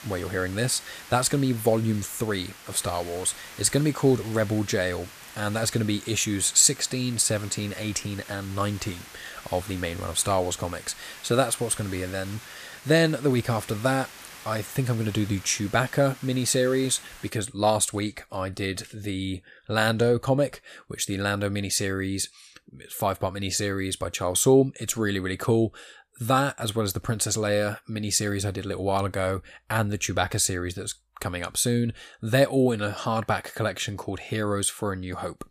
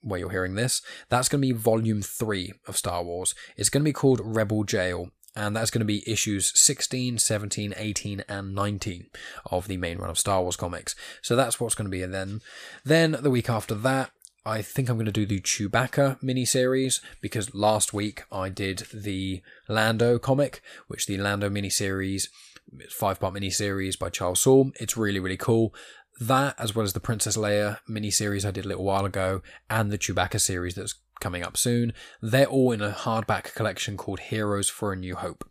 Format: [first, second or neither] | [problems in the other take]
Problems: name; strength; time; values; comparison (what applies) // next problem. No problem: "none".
second | hiss; noticeable; until 17 s; 15 dB below the speech